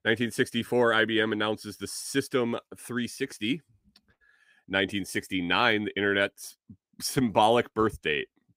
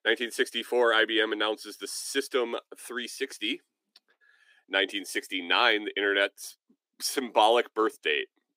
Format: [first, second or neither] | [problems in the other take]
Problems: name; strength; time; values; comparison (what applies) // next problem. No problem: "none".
first | thin; somewhat; fading below 300 Hz